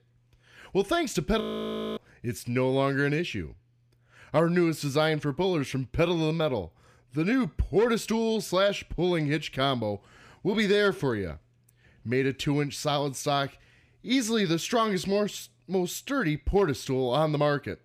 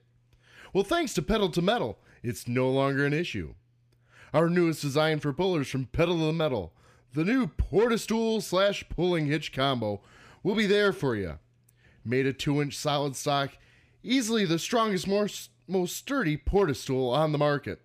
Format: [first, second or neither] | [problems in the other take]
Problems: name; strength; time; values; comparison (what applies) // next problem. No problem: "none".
second | audio freezing; at 1.5 s for 0.5 s